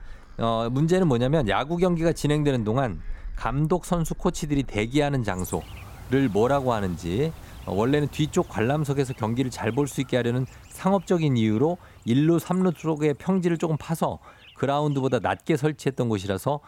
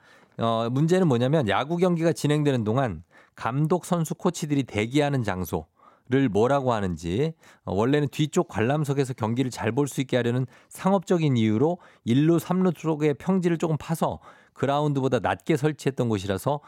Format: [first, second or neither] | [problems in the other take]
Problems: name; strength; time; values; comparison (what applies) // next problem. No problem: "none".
second | animal sounds; faint; throughout; 20 dB below the speech